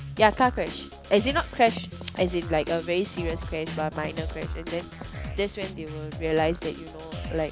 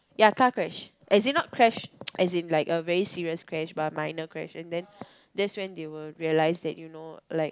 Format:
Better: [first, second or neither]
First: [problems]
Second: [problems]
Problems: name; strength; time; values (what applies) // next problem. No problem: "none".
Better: second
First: background sound (Drum kit); 9 dB below the speech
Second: none